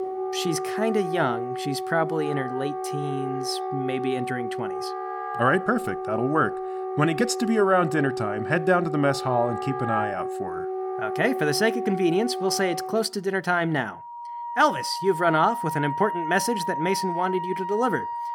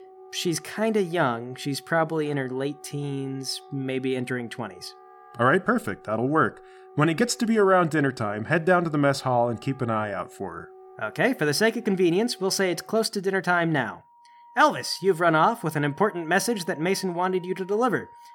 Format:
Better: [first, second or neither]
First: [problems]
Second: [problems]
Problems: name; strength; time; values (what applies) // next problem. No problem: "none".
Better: second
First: background music; loud; throughout; 5 dB below the speech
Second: background music; faint; throughout; 25 dB below the speech